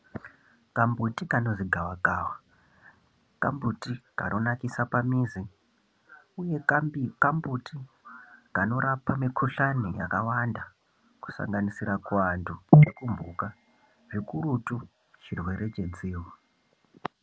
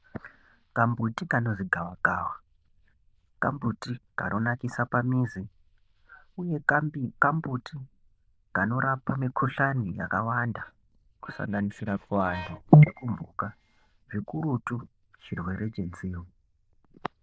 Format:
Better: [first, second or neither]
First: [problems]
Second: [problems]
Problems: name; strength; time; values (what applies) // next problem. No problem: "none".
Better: first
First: none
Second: noise reduction (neural diffusion model UNIVERSE++)